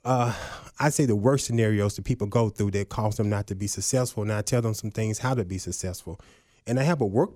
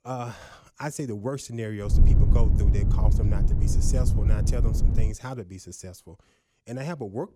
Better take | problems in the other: first | wind noise on the microphone; heavy; from 2 to 5 s; 2 dB below the speech

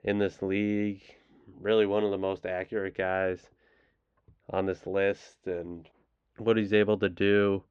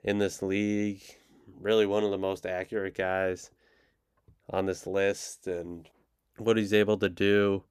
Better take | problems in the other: second | muffled; slightly; fading above 3.5 kHz

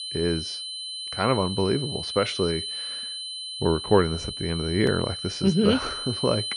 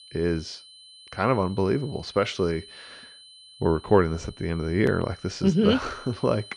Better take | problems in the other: second | high-pitched whine; loud; throughout; 4 kHz, 6 dB below the speech; faint in the second

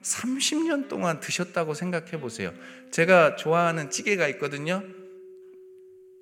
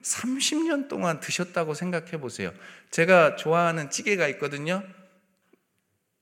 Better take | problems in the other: second | background music; faint; throughout; 25 dB below the speech

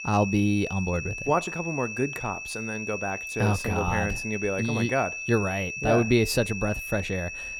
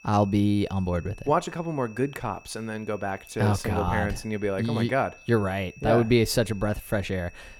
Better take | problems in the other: second | high-pitched whine; loud; throughout; 2.5 kHz, 6 dB below the speech; faint in the second

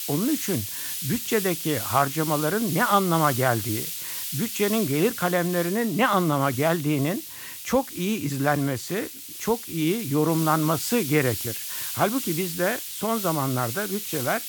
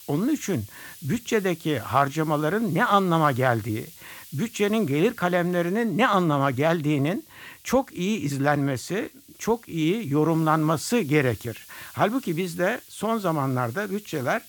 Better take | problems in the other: second | hiss; loud; throughout; 6 dB below the speech; faint in the second

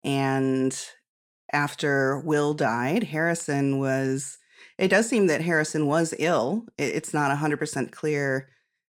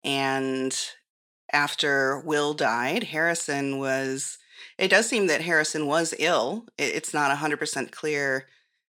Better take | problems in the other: first | thin; very slightly; fading below 550 Hz

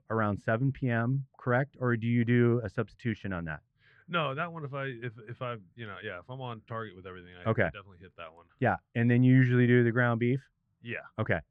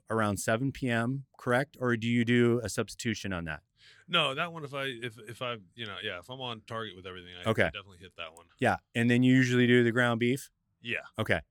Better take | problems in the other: second | muffled; very; fading above 1.5 kHz

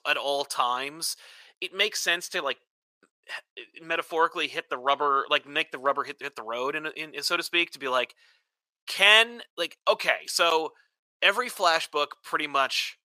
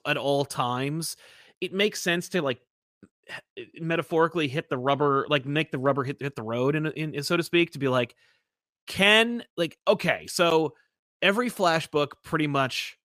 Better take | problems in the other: second | thin; very; fading below 650 Hz

